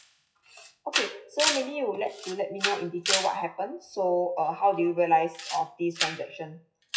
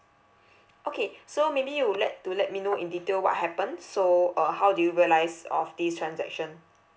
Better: second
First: noise reduction (classical method WPE with log-MMSE)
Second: none

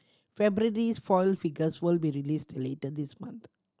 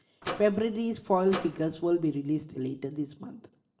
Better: first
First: none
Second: background sound (Microwave oven); 11 dB below the speech // room echo; dies away in 0.7 s

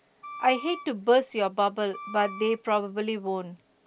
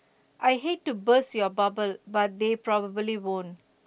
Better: second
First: background sound (Wind instrument, woodwind instrument); 15 dB below the speech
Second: none

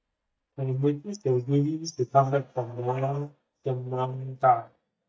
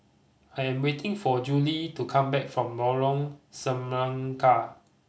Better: second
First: noise reduction (neural mask model DeepFilterNet 3)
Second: none

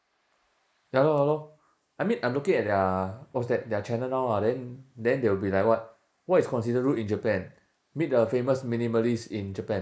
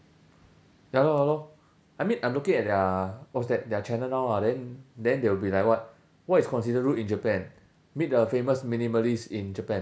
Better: second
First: noise reduction (neural mask model Resemble Enhance denoiser)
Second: none

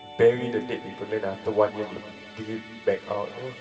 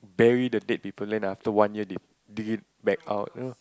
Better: second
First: background sound (Musical instrument); 17 dB below the speech // room echo; dies away in 2.2 s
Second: none

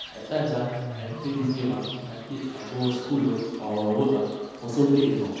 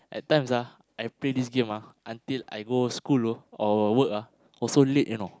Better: second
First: background sound (Bird / Fowl); 13 dB below the speech // room echo; dies away in 1.2 s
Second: none

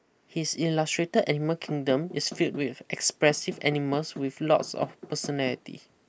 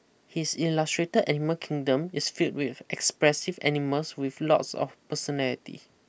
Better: second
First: noise reduction (neural mask model Resemble Enhance denoiser)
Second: none

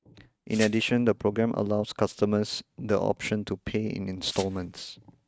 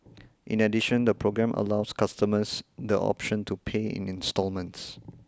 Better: second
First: noise reduction (neural mask model RNNoise)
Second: none

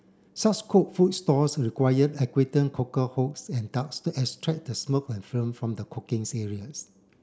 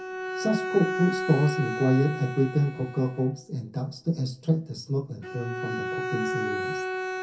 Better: first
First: none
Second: background sound (Bowed string instrument); 6 dB below the speech // room echo; dies away in 0.3 s

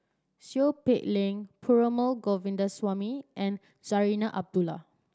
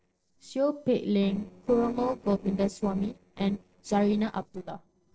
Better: first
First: none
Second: noise reduction (neural separator model SepFormer DNS4)

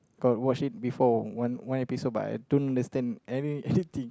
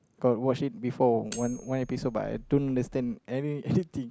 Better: first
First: none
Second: background sound (Cutlery, silverware); 18 dB below the speech

